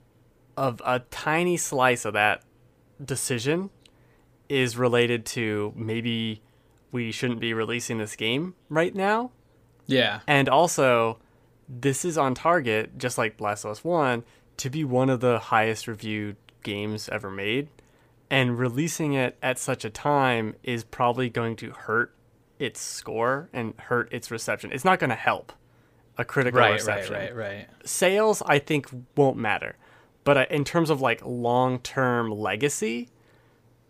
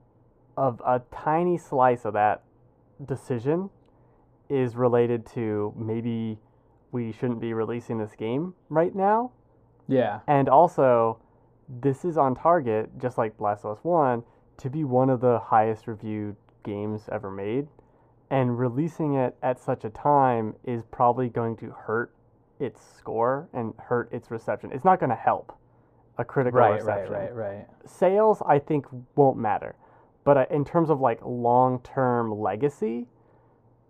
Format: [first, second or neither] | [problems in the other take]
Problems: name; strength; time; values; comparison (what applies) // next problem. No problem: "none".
first | muffled; very; fading above 1.5 kHz